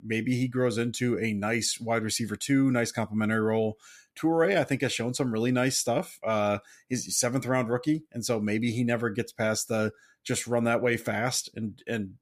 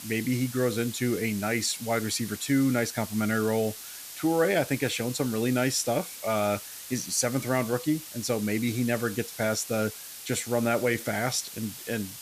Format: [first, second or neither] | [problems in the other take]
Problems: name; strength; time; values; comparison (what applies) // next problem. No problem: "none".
first | hiss; noticeable; throughout; 10 dB below the speech